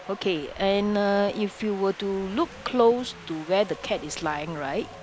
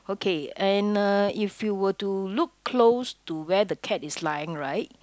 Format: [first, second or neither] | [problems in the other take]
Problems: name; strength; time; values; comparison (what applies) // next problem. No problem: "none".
second | background sound (Wind); 17 dB below the speech